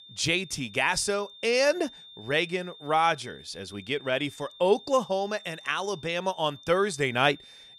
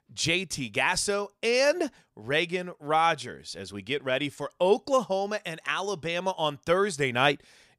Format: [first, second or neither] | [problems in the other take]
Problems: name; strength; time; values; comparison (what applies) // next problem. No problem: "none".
second | high-pitched whine; noticeable; throughout; 3.5 kHz, 20 dB below the speech